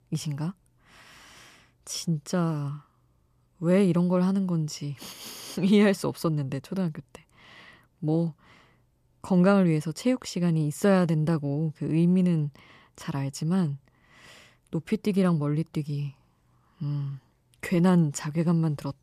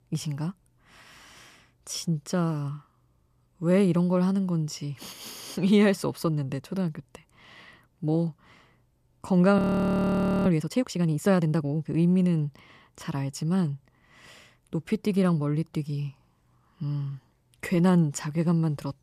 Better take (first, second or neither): first